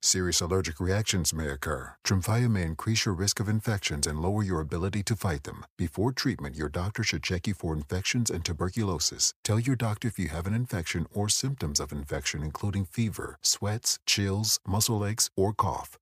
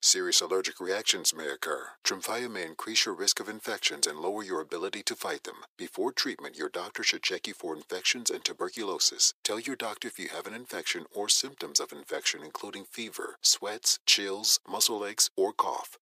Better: first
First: none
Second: thin; very; fading below 350 Hz

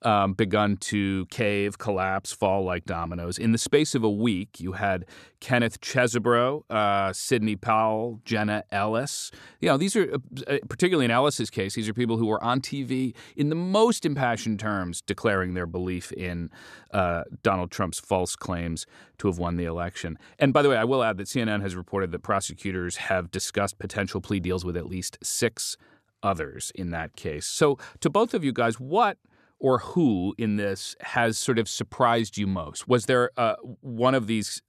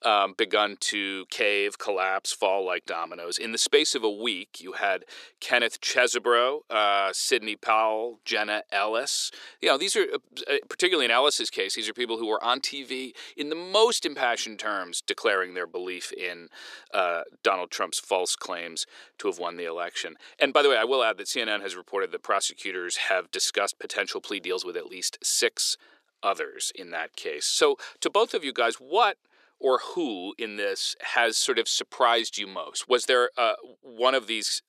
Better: first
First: none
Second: thin; very; fading below 400 Hz

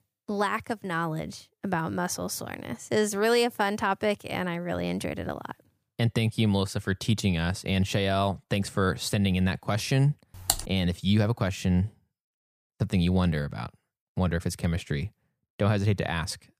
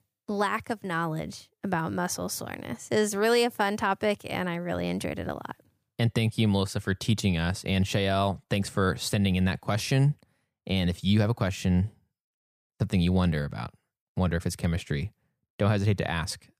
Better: second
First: keyboard typing; noticeable; at 10 s; peak level with the speech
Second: none

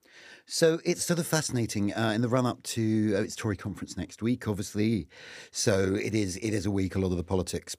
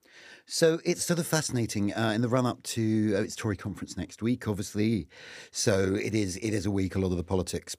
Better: neither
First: none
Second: none

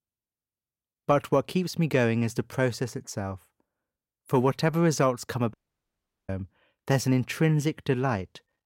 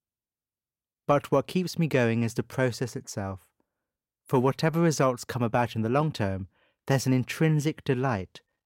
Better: second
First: audio cutting out; at 5.5 s for 0.5 s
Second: none

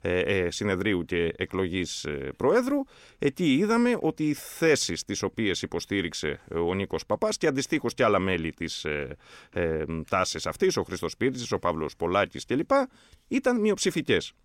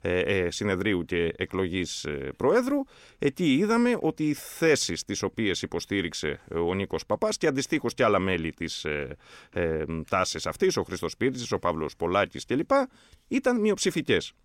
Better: neither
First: none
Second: none

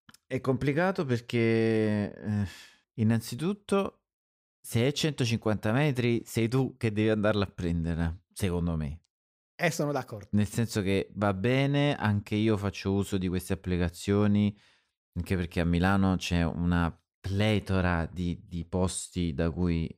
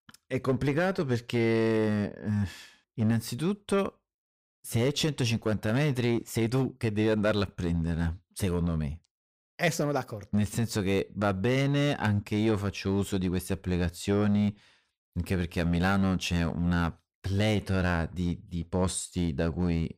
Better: first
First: none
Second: distortion; slight; 5% of the sound clipped

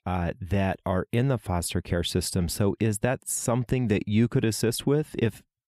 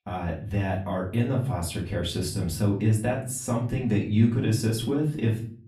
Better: first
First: none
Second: off-mic speech; far // room echo; slight; dies away in 0.4 s

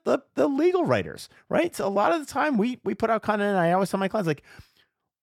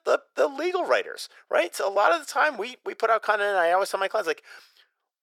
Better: first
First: none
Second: thin; very; fading below 450 Hz

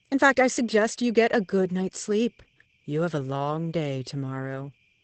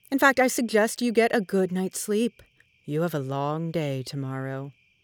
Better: second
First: garbled, watery; badly; nothing above 8 kHz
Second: none

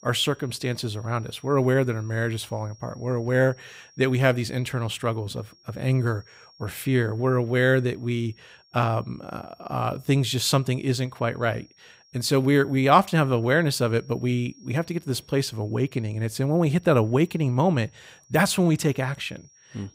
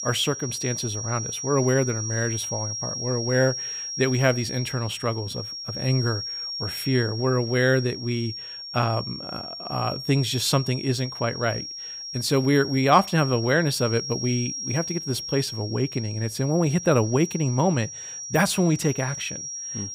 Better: first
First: high-pitched whine; faint; throughout; 5.5 kHz, 30 dB below the speech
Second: high-pitched whine; loud; throughout; 5.5 kHz, 7 dB below the speech

